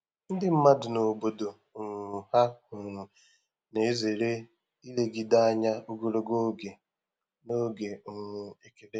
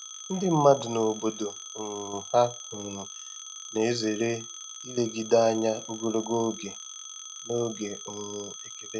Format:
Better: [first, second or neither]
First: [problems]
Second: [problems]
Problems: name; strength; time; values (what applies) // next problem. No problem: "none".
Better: first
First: none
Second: background sound (Telephone); 13 dB below the speech